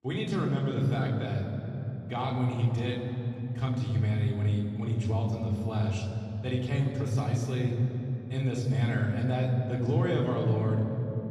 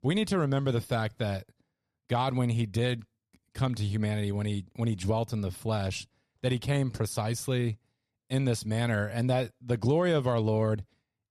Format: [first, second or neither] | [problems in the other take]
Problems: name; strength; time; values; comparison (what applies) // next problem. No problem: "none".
second | room echo; noticeable; dies away in 3 s // off-mic speech; far